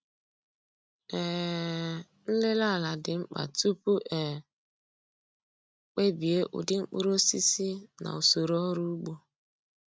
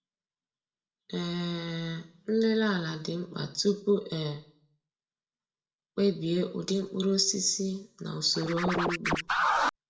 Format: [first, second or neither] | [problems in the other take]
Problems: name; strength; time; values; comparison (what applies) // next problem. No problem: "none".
first | background sound (Scratching (performance technique)); 2 dB above the speech // room echo; dies away in 0.4 s